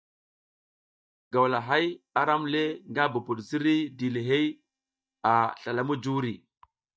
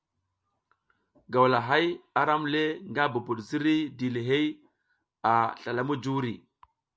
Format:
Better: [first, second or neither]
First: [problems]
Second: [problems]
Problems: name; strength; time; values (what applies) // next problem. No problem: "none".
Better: second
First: noise reduction (neural mask model DeepFilterNet 3)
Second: none